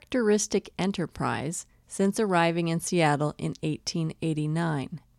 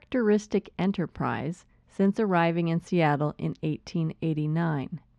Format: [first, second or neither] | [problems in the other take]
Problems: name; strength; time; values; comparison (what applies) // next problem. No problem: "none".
first | muffled; slightly; fading above 3 kHz